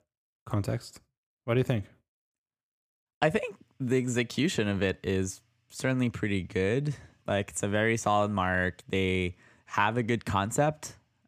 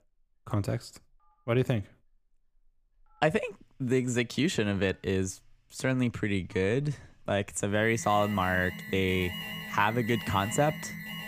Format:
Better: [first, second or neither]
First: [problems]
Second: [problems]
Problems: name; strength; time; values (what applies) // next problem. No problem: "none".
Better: first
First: none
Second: alarms or sirens; loud; throughout; 9 dB below the speech